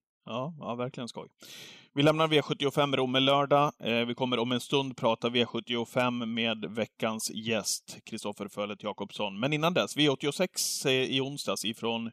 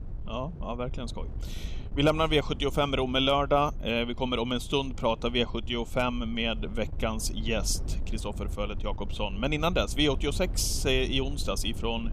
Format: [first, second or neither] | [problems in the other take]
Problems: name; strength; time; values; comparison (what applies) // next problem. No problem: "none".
first | wind noise on the microphone; occasional gusts; 20 dB below the speech